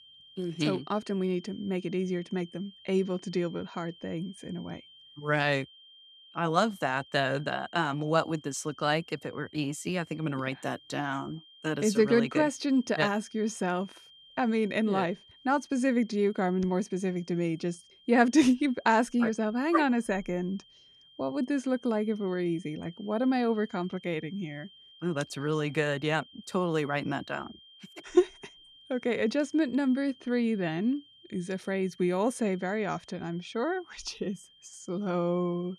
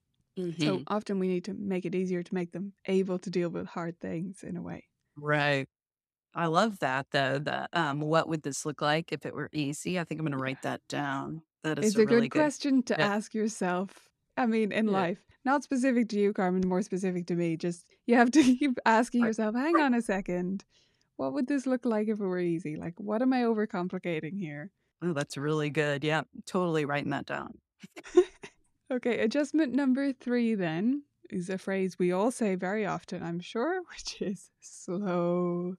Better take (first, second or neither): second